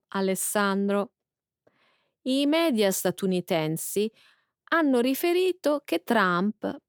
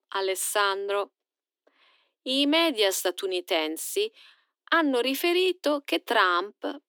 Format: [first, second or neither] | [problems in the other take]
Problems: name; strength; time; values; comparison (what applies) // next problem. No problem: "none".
first | thin; very slightly; fading below 300 Hz